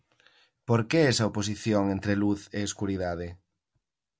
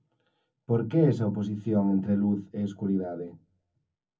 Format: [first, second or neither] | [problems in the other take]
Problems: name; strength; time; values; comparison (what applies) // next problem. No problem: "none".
first | room echo; dies away in 0.3 s